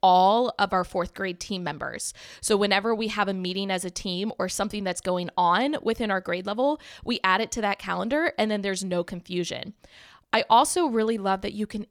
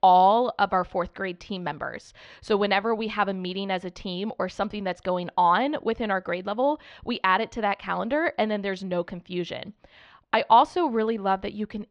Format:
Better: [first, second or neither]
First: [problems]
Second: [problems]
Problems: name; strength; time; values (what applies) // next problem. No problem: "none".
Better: first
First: none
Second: muffled; slightly; fading above 3.5 kHz